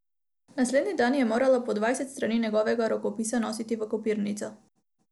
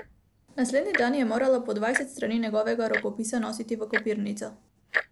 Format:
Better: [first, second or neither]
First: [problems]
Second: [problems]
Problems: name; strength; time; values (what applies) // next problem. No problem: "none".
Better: first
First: none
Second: background sound (Tick-tock); 8 dB below the speech